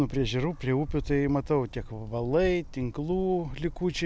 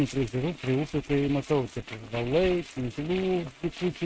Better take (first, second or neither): first